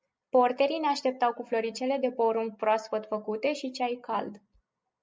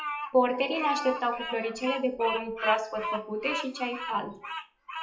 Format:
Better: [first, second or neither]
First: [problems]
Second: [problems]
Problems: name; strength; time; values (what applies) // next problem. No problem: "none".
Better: first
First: none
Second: noise reduction (classical method WPE with log-MMSE)